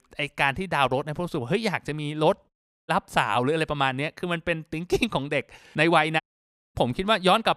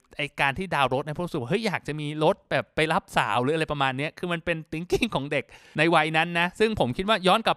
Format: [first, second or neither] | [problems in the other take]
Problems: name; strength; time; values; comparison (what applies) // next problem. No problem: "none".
second | audio cutting out; at 2.5 s and at 6 s for 0.5 s